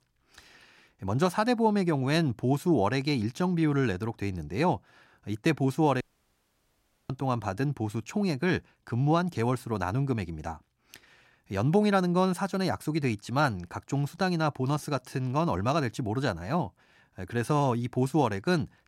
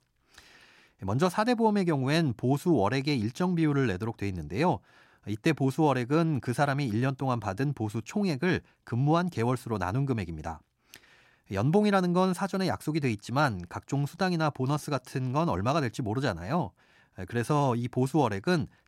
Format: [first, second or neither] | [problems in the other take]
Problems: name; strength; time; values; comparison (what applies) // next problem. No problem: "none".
second | audio cutting out; at 6 s for 1 s